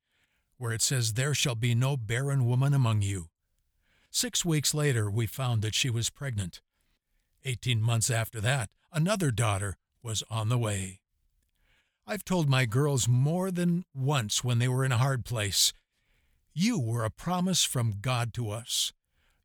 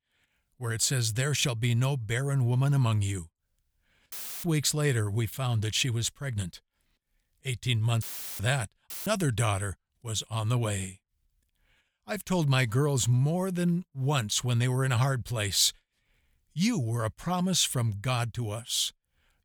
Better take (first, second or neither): first